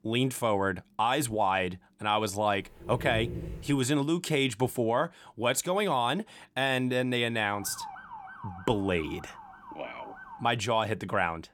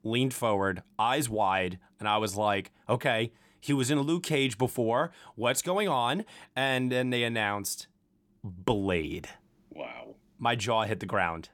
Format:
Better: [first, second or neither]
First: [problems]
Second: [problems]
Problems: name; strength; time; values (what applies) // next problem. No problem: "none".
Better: second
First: dog barking; noticeable; from 2.5 to 3.5 s; peak 7 dB below the speech // siren; faint; from 7.5 to 10 s; peak 15 dB below the speech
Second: none